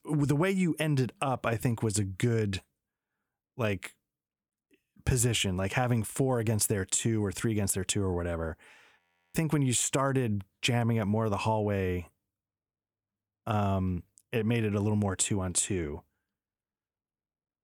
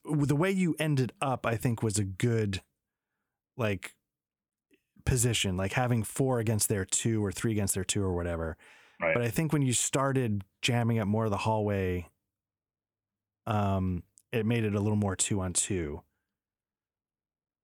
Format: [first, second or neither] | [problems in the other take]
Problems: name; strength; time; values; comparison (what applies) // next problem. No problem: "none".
second | audio freezing; at 9 s